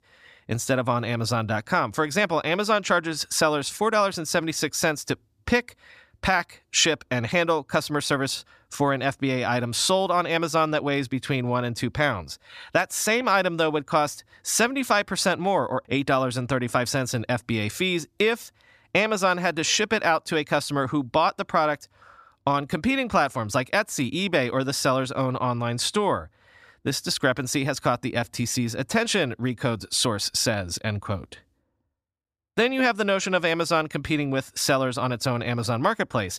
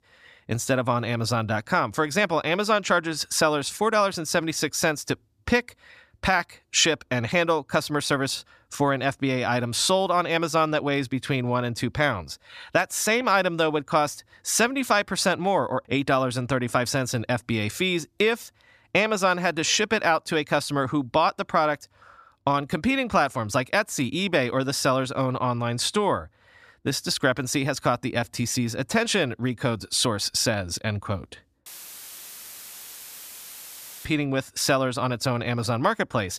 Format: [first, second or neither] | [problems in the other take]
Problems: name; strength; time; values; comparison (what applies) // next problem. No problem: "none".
first | audio cutting out; filled with static; at 32 s for 2.5 s